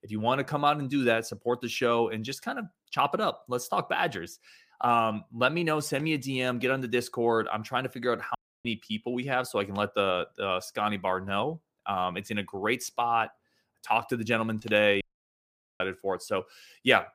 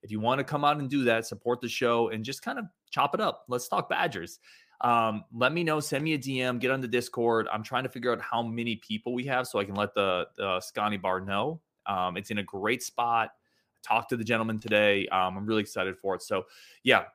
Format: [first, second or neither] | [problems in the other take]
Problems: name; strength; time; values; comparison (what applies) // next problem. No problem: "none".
second | audio cutting out; at 8.5 s and at 15 s for 1 s